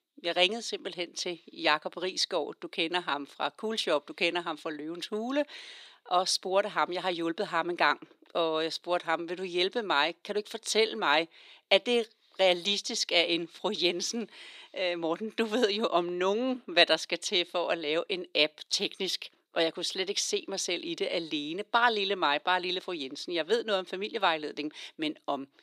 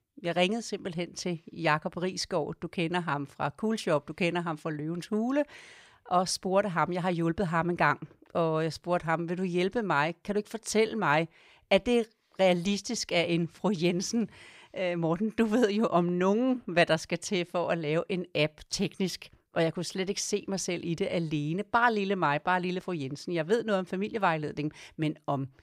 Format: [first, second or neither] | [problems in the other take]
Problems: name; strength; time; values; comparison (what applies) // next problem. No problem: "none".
second | thin; somewhat; fading below 250 Hz